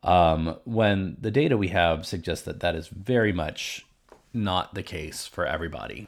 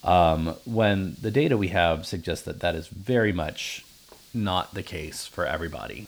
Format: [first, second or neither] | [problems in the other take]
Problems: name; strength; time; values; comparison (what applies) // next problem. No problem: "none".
first | hiss; faint; throughout; 25 dB below the speech